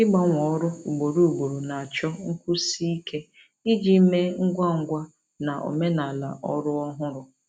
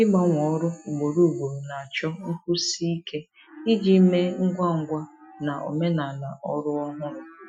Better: first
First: none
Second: noise reduction (classical method Wiener filter)

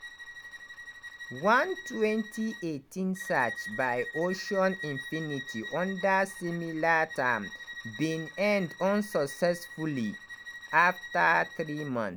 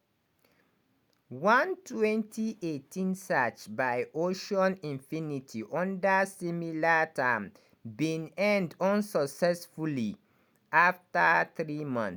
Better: second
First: background sound (Bowed string instrument); 12 dB below the speech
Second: none

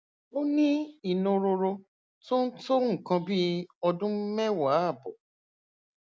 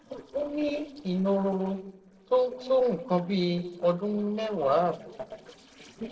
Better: first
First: none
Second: noise reduction (neural separator model SepFormer DNS4)

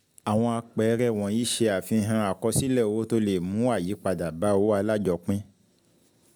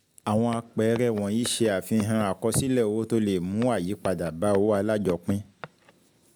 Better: first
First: none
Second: background sound (Walk, footsteps); 19 dB below the speech

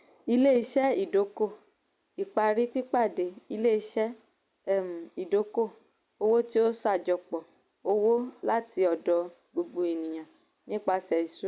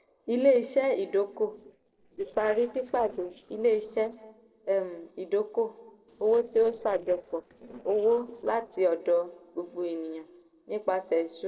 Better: first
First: none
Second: noise reduction (neural separator model SepFormer DNS4)

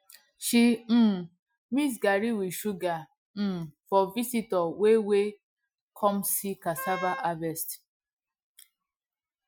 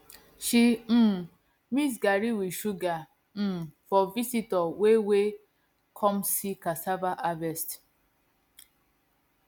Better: second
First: noise reduction (classical method Wiener filter)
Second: none

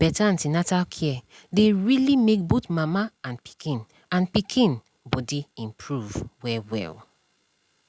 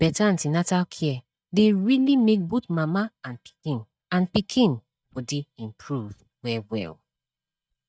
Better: first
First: none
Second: noise reduction (neural mask model DeepFilterNet 3)

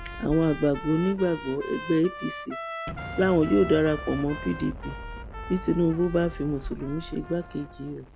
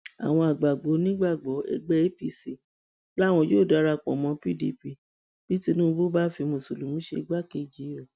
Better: second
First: background sound (Explosion + Trumpet); 11 dB below the speech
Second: none

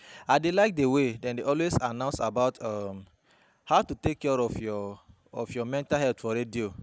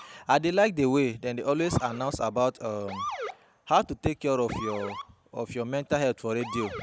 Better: first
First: none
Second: background sound (Motor vehicle (road) / Siren); 14 dB below the speech

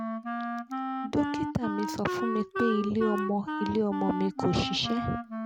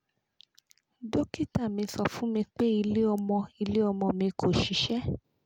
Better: second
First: background sound (Wind instrument, woodwind instrument); 3 dB below the speech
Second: none

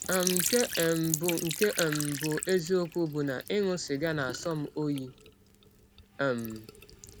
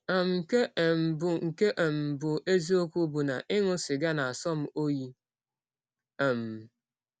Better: second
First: background sound (Trickle, dribble / Sink (filling or washing)); 7 dB below the speech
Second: none

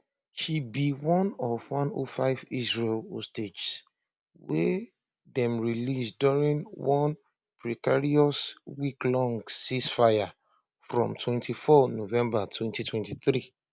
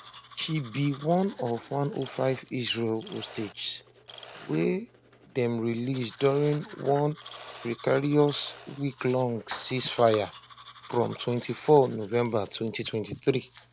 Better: first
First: none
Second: background sound (Domestic sounds, home sounds + Mechanisms); 19 dB below the speech

